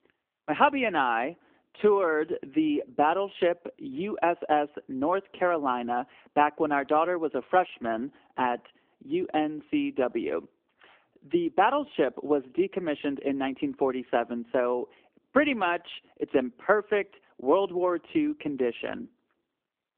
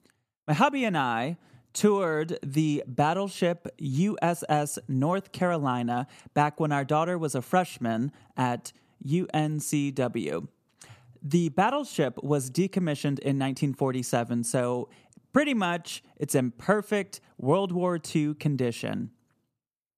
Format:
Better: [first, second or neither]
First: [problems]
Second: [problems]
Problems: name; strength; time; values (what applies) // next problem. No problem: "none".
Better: second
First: phone-call audio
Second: none